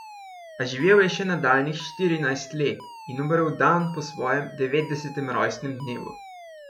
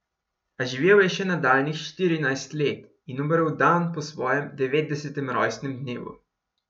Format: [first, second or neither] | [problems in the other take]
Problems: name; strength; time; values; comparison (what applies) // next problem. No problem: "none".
second | background sound (Alarm); 18 dB below the speech